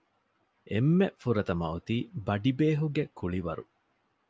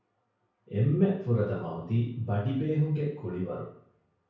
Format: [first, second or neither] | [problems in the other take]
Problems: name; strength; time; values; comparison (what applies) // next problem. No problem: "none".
first | room echo; dies away in 0.6 s